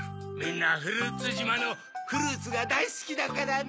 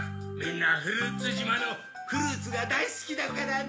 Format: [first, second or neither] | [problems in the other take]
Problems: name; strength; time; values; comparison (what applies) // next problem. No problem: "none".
first | room echo; dies away in 1.3 s